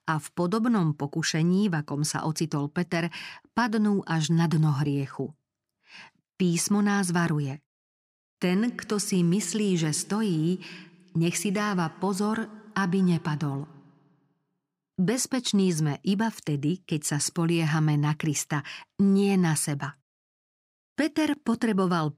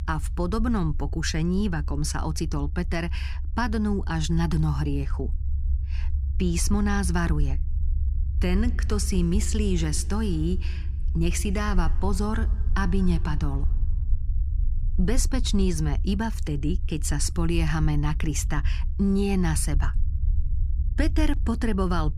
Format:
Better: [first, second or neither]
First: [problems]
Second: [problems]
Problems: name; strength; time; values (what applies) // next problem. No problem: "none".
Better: first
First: none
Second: low rumble; noticeable; throughout; 20 dB below the speech